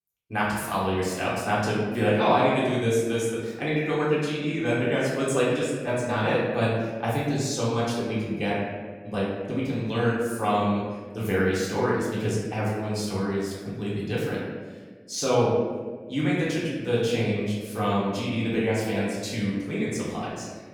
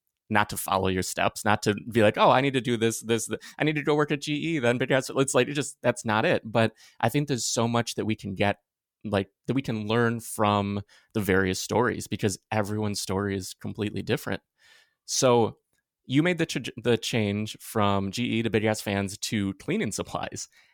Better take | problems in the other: second | room echo; noticeable; dies away in 1.4 s // off-mic speech; far

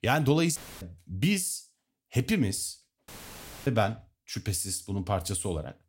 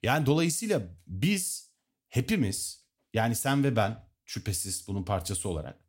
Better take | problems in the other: second | audio cutting out; filled with static; at 0.5 s and at 3 s for 0.5 s

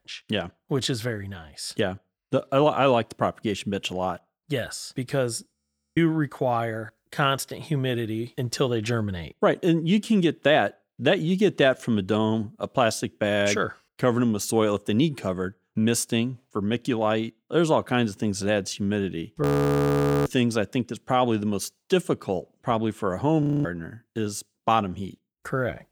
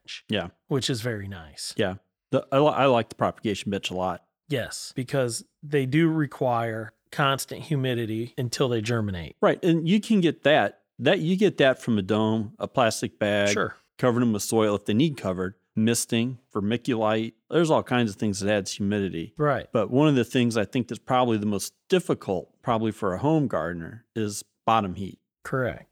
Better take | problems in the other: second | audio freezing; at 5.5 s, at 19 s for 1 s and at 23 s

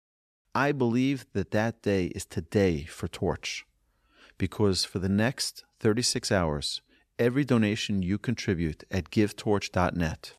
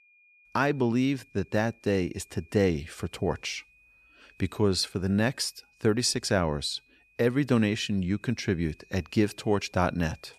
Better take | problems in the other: first | high-pitched whine; faint; throughout; 2.5 kHz, 30 dB below the speech

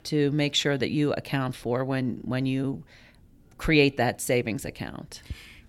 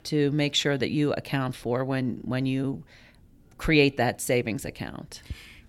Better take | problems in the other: neither | none

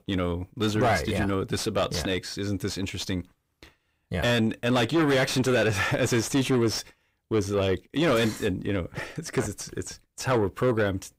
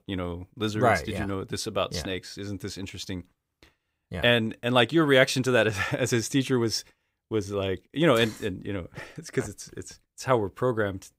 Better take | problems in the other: second | distortion; heavy; 5 dB below the speech

